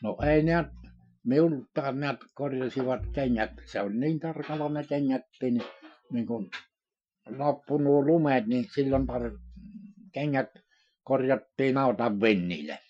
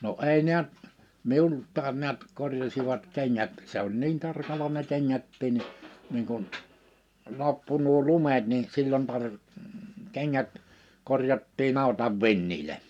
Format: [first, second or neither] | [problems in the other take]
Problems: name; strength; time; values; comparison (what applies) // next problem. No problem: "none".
second | noise reduction (classical method Wiener filter)